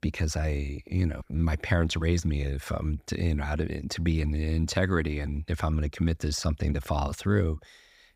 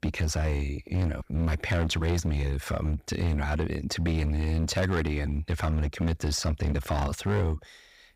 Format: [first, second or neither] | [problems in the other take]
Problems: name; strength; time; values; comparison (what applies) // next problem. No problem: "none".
first | distortion; slight; 15% of the sound clipped